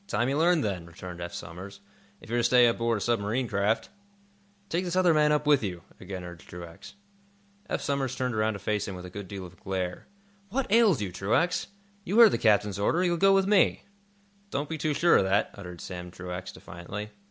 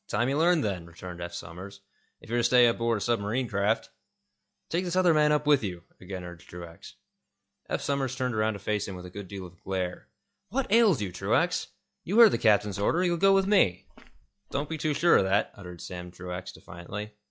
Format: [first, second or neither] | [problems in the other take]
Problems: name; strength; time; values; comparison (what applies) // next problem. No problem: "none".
first | noise reduction (classical method log-MMSE)